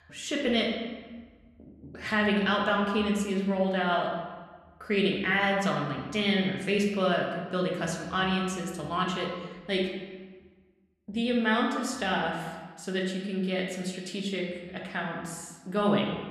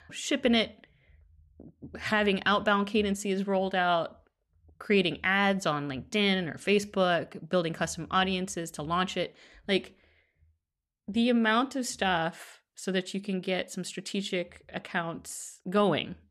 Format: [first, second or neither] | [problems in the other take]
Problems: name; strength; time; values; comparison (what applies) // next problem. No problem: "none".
second | room echo; noticeable; dies away in 1.2 s // off-mic speech; somewhat distant